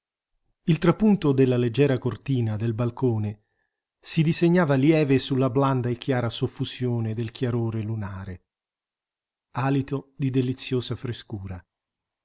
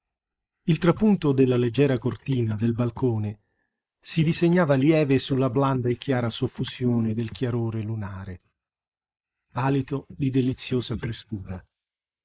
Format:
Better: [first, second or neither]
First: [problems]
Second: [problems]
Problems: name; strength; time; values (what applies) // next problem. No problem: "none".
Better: first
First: none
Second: noise reduction (neural mask model Resemble Enhance denoiser)